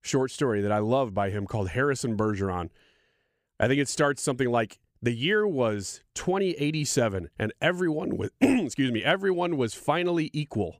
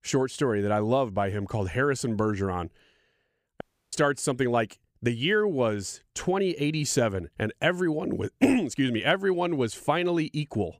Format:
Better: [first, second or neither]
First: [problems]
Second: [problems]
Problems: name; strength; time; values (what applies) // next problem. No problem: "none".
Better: first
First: none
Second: audio cutting out; at 3.5 s